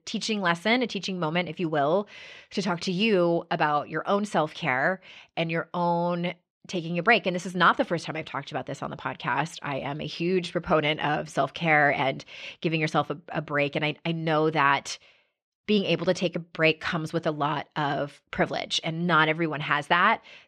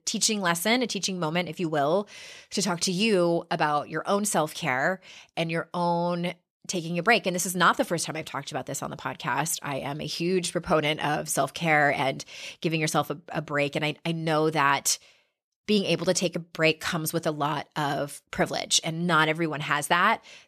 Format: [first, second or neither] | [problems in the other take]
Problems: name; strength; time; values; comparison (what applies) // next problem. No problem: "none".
second | muffled; slightly; fading above 3 kHz